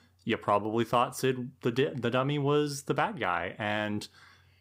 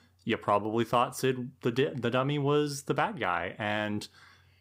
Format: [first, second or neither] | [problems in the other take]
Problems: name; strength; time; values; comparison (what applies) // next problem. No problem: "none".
neither | none